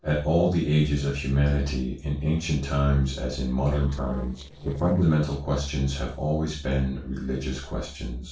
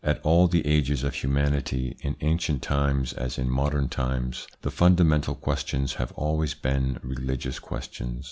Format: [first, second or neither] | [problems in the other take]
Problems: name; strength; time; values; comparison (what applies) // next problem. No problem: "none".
second | noise reduction (neural separator model SepFormer DNS4)